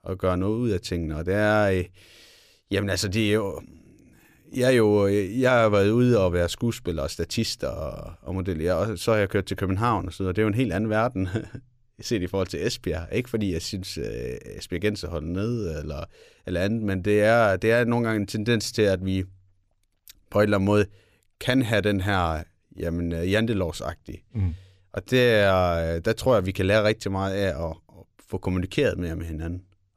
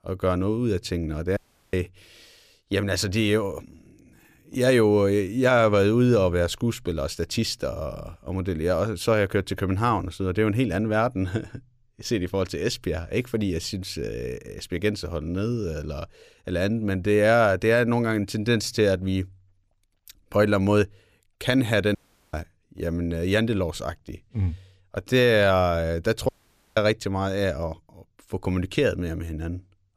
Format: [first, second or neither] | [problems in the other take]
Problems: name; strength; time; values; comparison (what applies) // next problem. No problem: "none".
first | audio cutting out; at 1.5 s, at 22 s and at 26 s